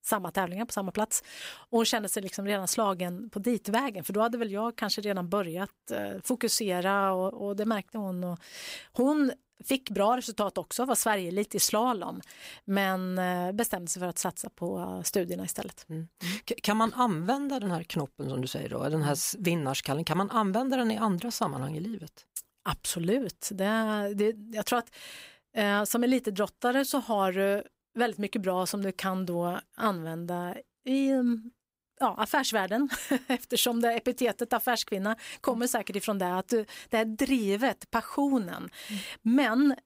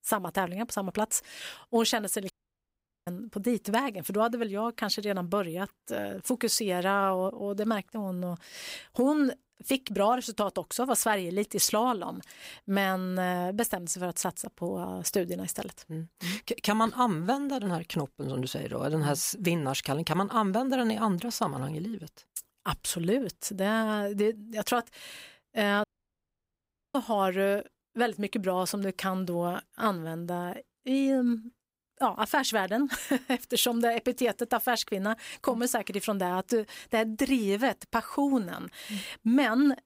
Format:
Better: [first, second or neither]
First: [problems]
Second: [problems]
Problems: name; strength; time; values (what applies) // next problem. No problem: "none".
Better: first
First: none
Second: audio cutting out; at 2.5 s for 1 s and at 26 s for 1 s